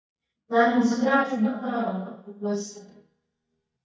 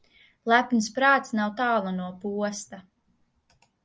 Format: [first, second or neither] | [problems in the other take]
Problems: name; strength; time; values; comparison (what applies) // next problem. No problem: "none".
second | noise reduction (neural mask model DeepFilterNet 3)